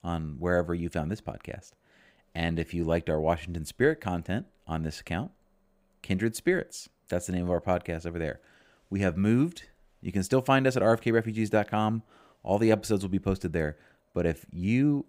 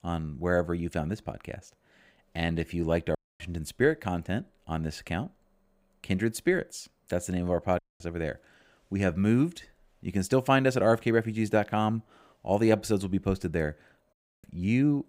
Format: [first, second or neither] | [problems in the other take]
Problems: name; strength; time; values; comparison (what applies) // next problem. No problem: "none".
first | audio cutting out; at 3 s, at 8 s and at 14 s